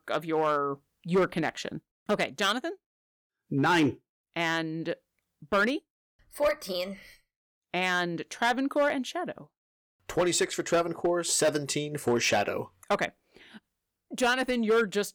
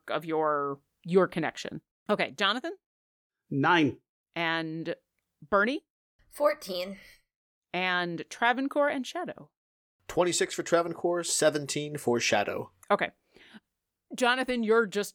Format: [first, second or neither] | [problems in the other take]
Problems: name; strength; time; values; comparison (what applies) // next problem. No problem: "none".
second | distortion; slight; 3% of the sound clipped